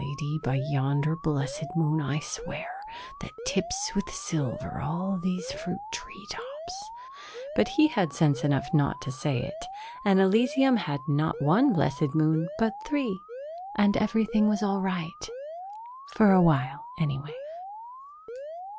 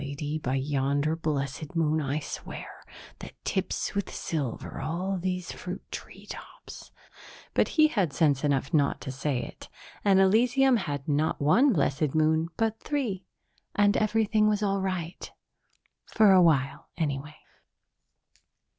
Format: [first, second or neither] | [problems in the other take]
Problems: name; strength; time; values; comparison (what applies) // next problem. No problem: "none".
second | background sound (Alarm); 12 dB below the speech